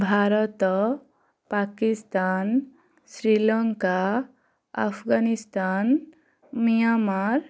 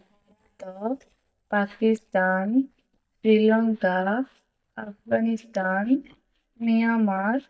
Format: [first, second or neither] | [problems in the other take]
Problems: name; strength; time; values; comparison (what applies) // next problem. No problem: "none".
first | noise reduction (neural mask model DeepFilterNet 3)